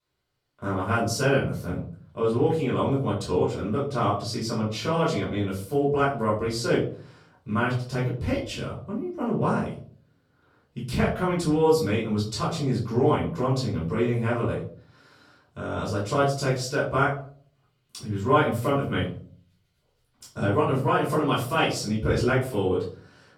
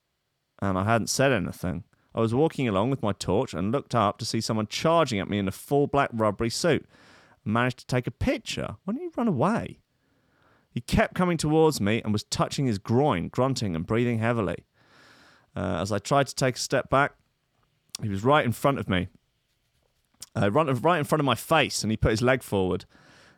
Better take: second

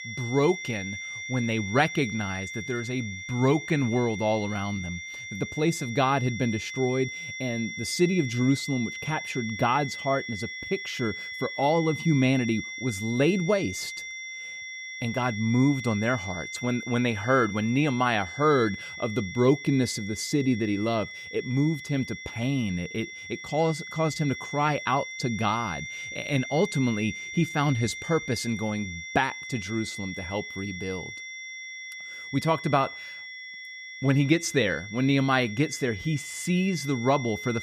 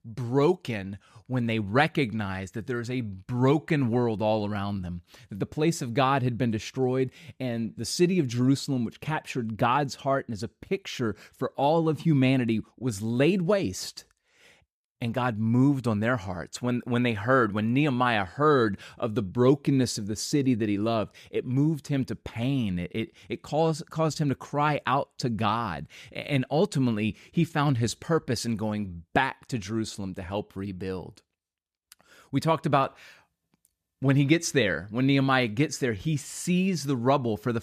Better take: second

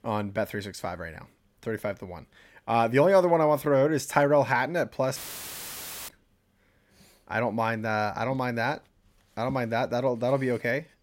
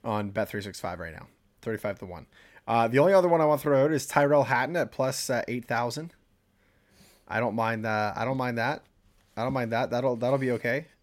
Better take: second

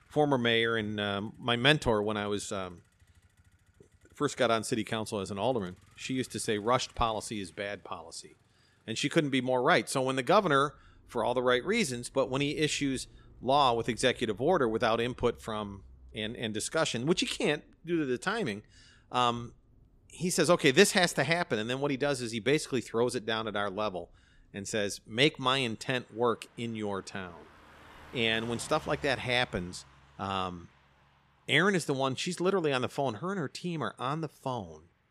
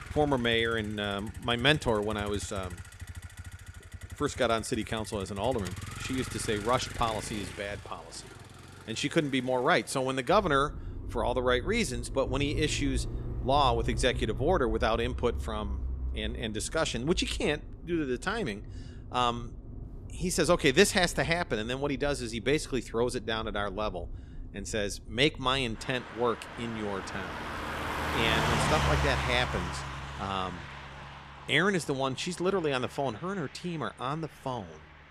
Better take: first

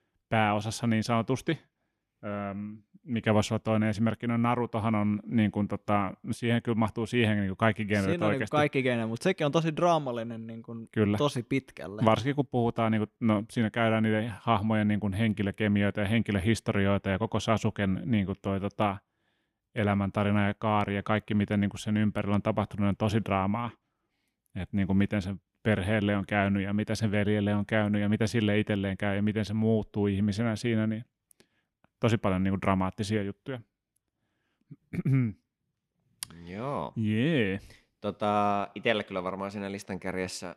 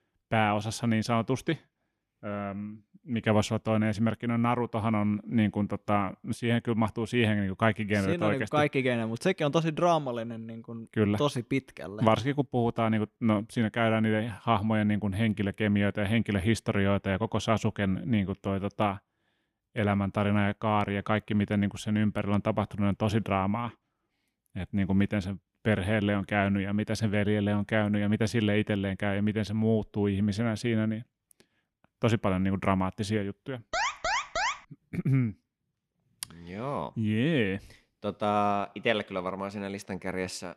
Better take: first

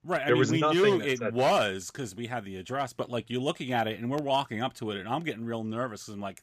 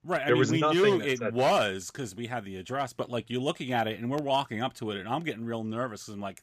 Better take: neither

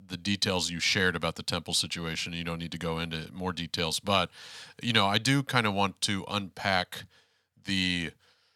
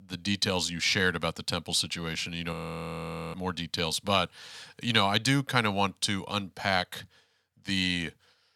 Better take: first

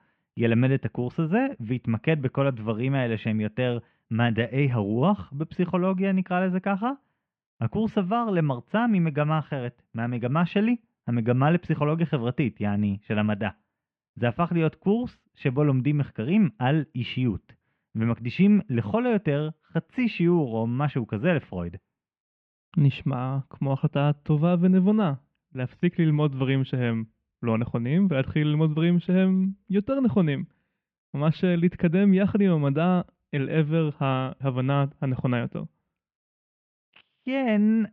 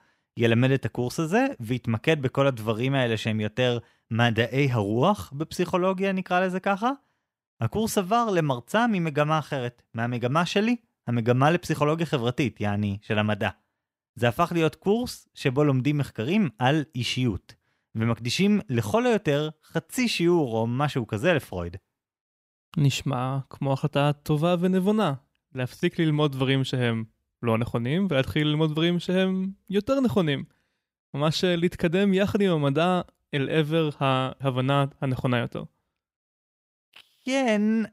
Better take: second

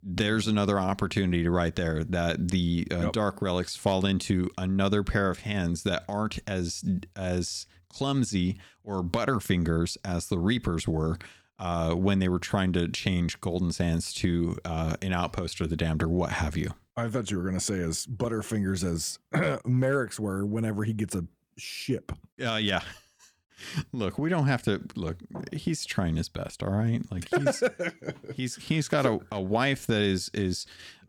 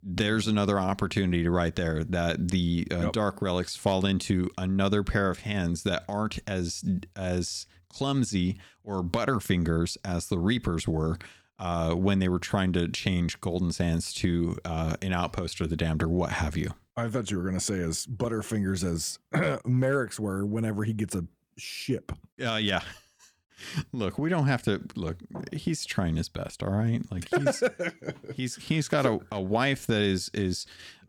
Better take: neither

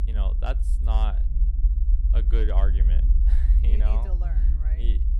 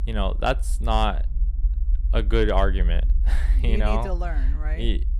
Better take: second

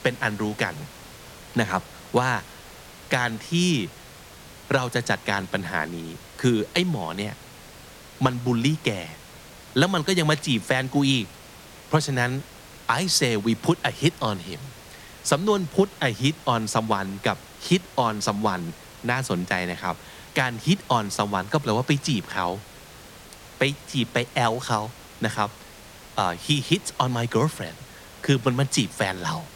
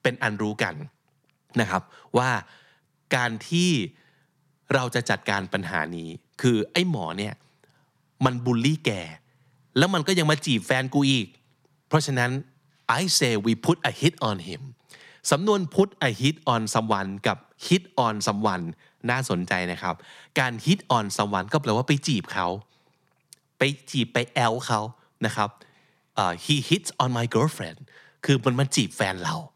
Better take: second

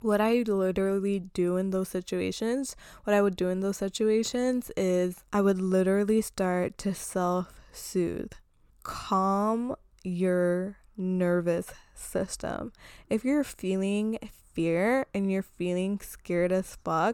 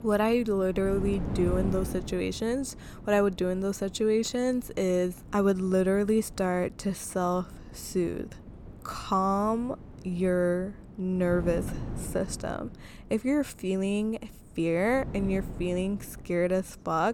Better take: first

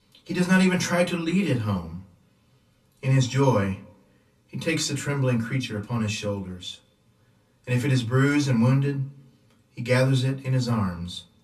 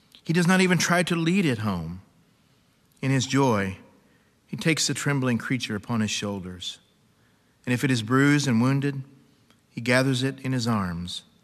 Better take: second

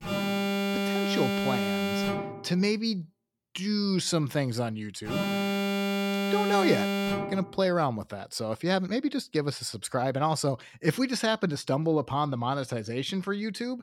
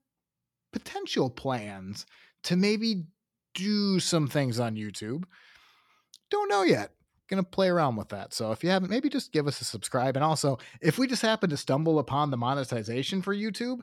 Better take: second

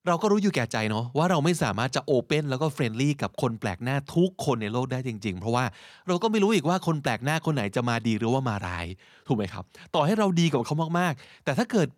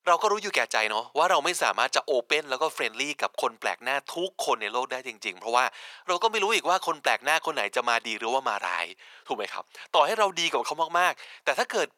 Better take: first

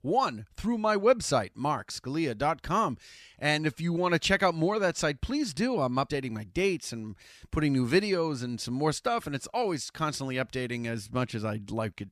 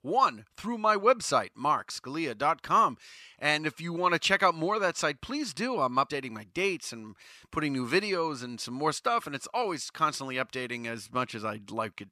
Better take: first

